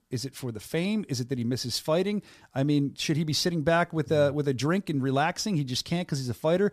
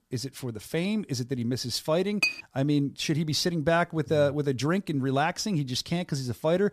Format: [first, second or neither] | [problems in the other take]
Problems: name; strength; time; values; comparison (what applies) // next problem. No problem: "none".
first | clattering dishes; loud; at 2 s; peak 1 dB above the speech